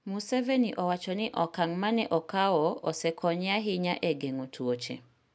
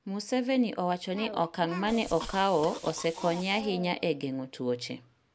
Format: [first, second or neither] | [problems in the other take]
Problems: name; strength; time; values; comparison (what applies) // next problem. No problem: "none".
first | background sound (Cough); 15 dB below the speech